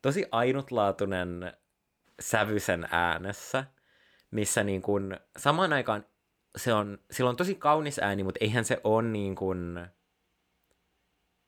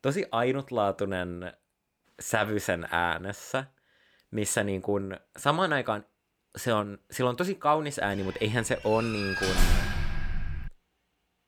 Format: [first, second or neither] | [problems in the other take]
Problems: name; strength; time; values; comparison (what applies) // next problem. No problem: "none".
first | door banging; loud; from 9.5 to 11 s; peak 2 dB above the speech